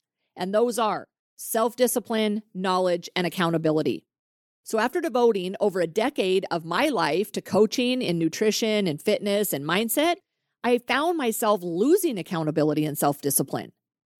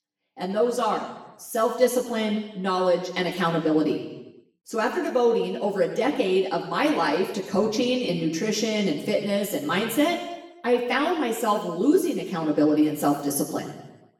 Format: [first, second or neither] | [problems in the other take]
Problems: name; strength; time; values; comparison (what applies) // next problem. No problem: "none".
first | room echo; noticeable; dies away in 1 s // off-mic speech; far